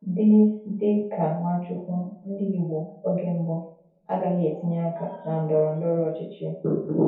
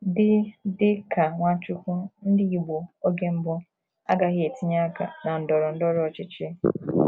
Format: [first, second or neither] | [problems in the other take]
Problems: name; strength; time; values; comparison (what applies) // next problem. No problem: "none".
second | room echo; dies away in 0.6 s